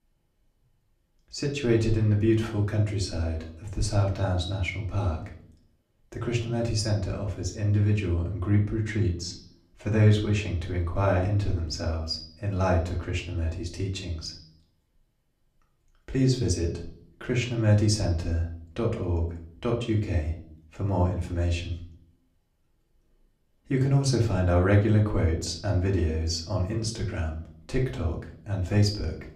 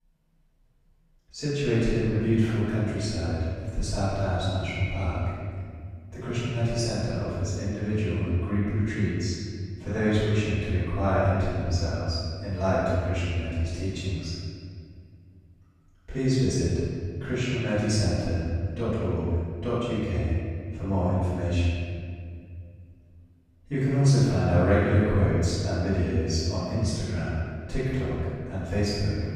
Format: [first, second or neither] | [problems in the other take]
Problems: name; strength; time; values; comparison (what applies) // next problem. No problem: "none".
first | room echo; strong; dies away in 2 s; slight in the first // off-mic speech; far; far in the first